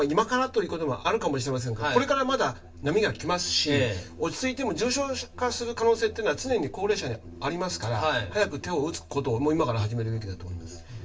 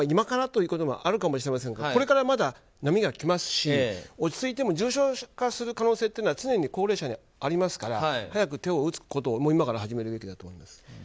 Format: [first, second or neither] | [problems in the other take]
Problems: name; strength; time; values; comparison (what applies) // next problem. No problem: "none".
second | background sound (Musical instrument); 18 dB below the speech // room echo; dies away in 0.2 s